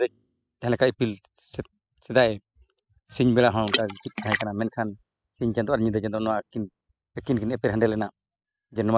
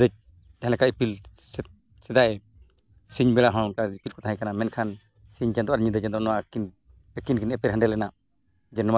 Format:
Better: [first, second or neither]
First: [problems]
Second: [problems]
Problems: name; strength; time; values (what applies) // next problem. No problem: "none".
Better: second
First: noise reduction (classical method spectral subtraction)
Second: none